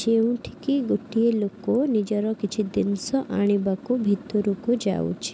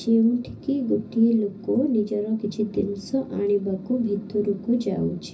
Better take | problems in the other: first | room echo; dies away in 0.4 s

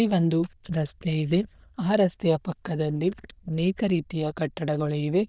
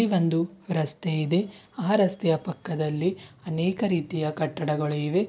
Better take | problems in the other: second | noise reduction (neural diffusion model UNIVERSE++)

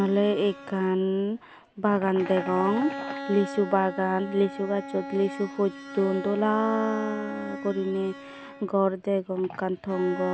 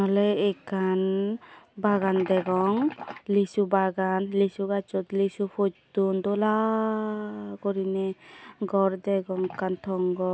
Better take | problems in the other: second | background sound (Bowed string instrument); 12 dB below the speech

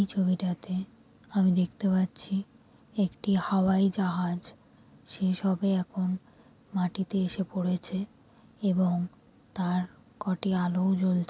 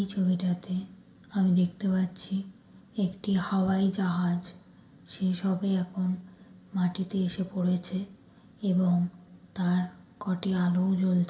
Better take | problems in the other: first | room echo; dies away in 1.7 s

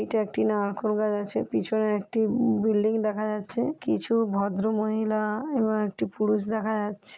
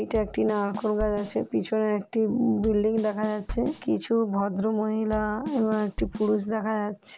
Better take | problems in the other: first | background sound (Bass drum / Snare drum / Drum kit); 13 dB below the speech

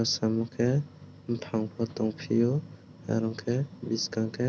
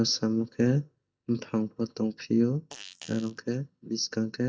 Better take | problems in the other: first | noise reduction (neural mask model DeepFilterNet 3)

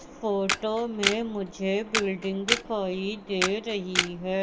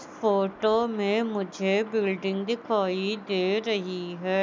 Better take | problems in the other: second | background sound (Camera); 3 dB below the speech // room echo; dies away in 0.4 s

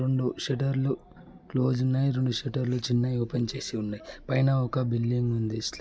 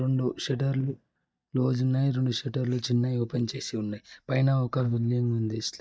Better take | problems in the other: first | noise reduction (neural mask model DeepFilterNet 3)

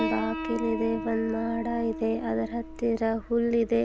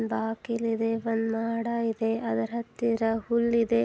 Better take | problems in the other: second | background sound (Piano); 8 dB below the speech

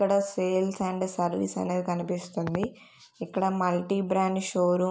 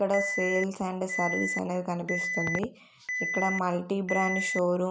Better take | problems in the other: first | background sound (Alarm); 4 dB below the speech

